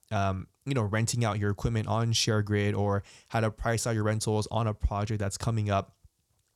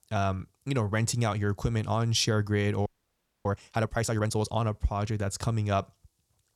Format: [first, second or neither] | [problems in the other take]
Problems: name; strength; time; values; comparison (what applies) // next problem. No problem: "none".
first | audio freezing; at 3 s for 0.5 s